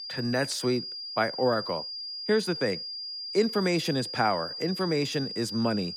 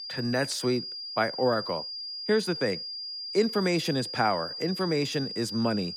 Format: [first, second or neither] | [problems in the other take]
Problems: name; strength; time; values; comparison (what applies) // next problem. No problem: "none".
neither | high-pitched whine; loud; throughout; 5 kHz, 6 dB below the speech; the same in both